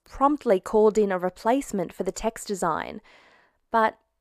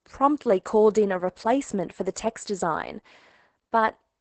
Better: first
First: none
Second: garbled, watery; badly; nothing above 8 kHz

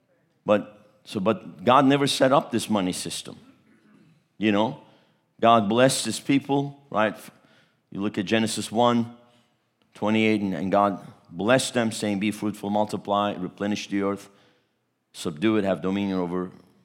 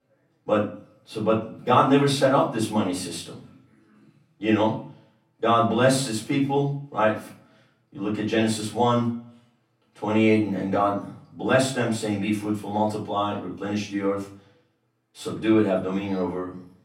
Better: first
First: none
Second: off-mic speech; far // room echo; slight; dies away in 0.3 s

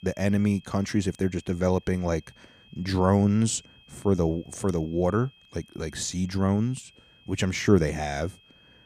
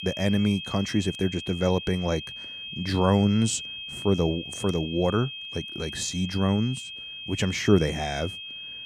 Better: first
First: high-pitched whine; faint; throughout; 3 kHz, 30 dB below the speech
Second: high-pitched whine; loud; throughout; 3 kHz, 9 dB below the speech

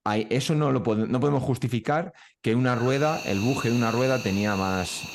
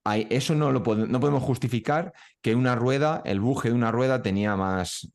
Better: second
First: animal sounds; loud; from 3 s on; 9 dB below the speech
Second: none

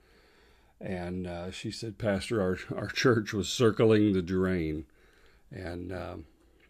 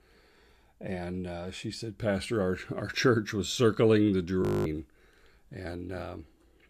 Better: first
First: none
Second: audio freezing; at 4.5 s

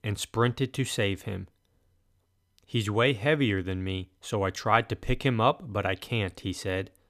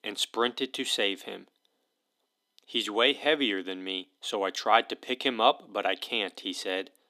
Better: first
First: none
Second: thin; somewhat; fading below 250 Hz

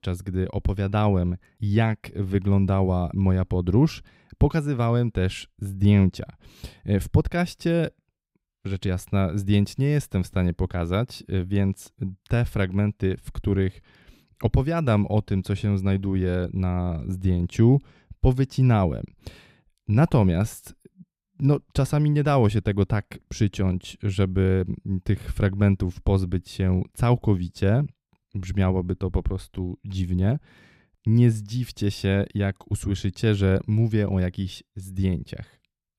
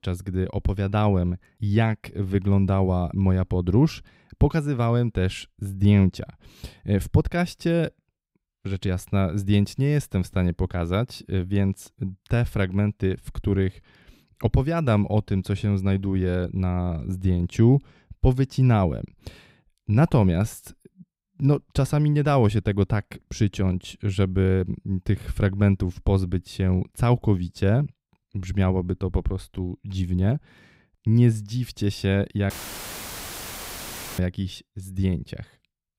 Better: first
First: none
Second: audio cutting out; filled with static; at 33 s for 1.5 s

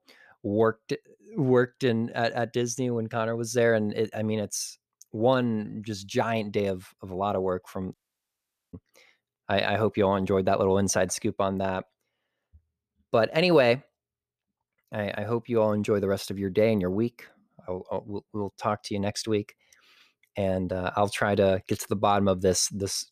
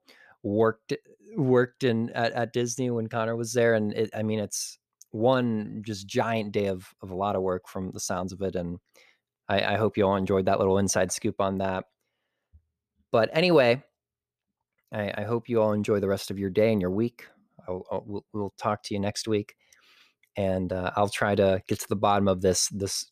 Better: second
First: audio cutting out; at 8 s for 1 s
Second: none

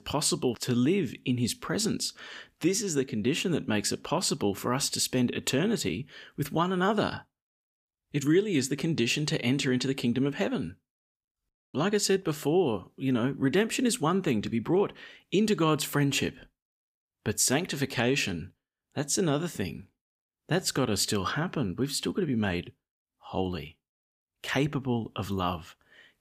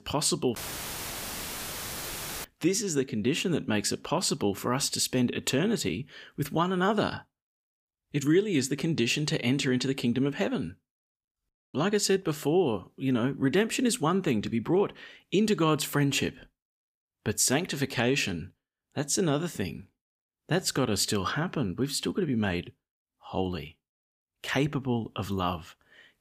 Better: first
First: none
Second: audio cutting out; filled with static; at 0.5 s for 2 s

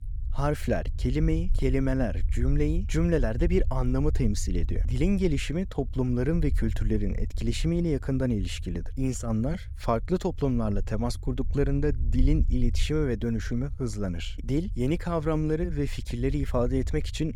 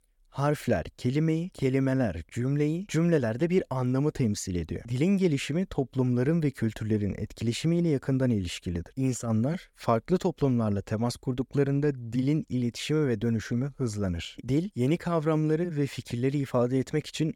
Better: second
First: low rumble; faint; throughout; 20 dB below the speech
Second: none

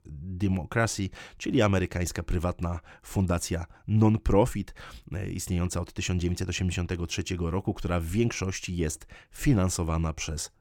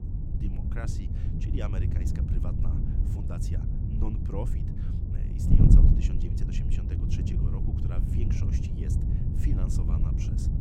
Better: first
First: none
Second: wind noise on the microphone; heavy; 4 dB above the speech

